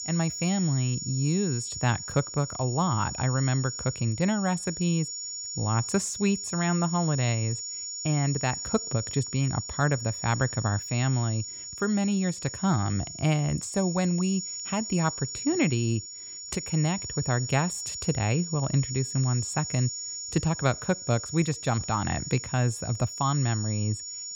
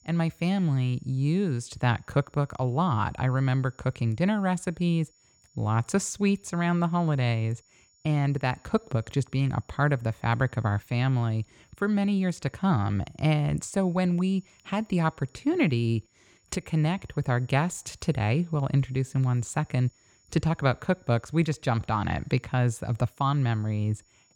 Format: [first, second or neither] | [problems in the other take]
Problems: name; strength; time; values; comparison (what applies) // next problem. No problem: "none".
second | high-pitched whine; loud; throughout; 7 kHz, 6 dB below the speech; faint in the second